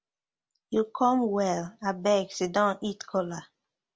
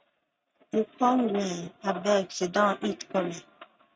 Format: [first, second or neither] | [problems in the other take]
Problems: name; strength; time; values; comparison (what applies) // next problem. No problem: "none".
first | noise reduction (neural mask model RNNoise)